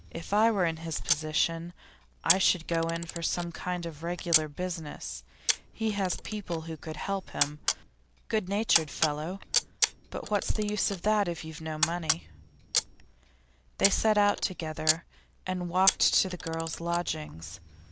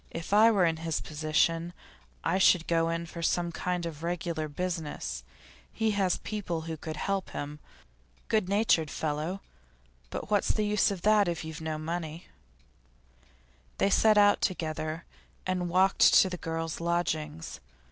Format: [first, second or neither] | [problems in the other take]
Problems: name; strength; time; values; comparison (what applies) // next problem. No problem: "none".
second | background sound (Camera); 5 dB below the speech